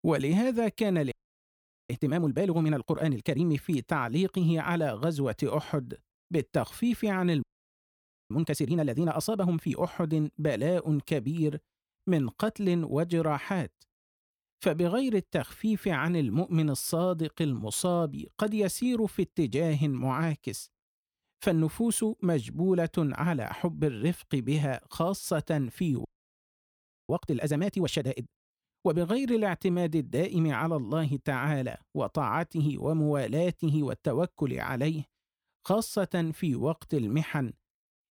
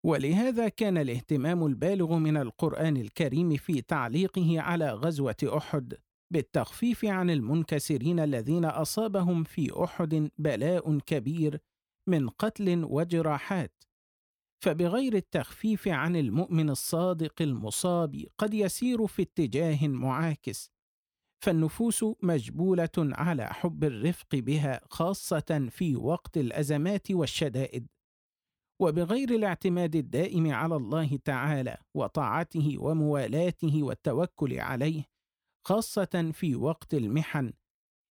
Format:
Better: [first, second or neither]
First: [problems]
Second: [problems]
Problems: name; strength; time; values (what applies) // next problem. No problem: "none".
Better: second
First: audio freezing; at 1 s for 1 s, at 7.5 s for 1 s and at 26 s for 1 s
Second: none